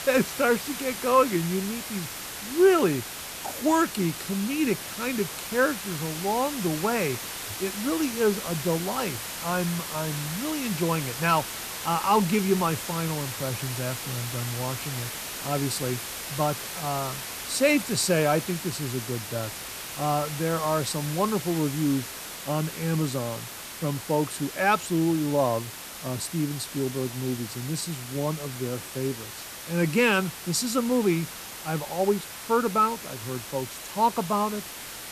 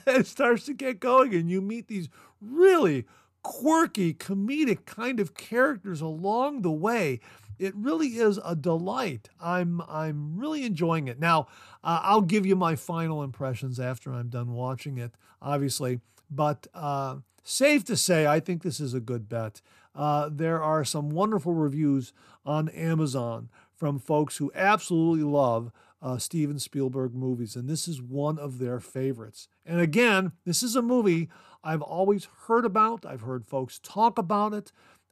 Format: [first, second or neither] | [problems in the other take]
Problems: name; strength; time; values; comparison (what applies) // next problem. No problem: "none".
second | hiss; loud; throughout; 7 dB below the speech